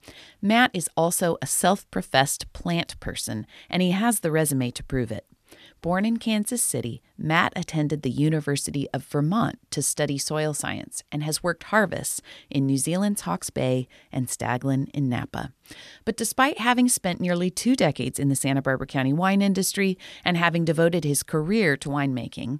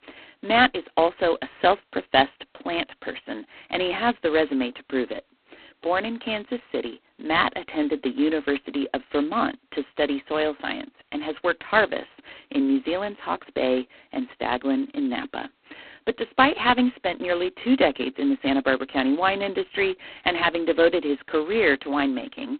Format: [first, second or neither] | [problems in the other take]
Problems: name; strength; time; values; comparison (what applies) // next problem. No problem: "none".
first | phone-call audio; poor line; nothing above 4 kHz